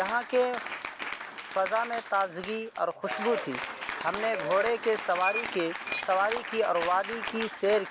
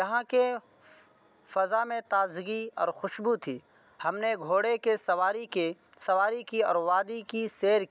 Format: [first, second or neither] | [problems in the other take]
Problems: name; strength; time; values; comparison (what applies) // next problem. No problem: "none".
second | background sound (Applause / Cheering + Squeak); 7 dB below the speech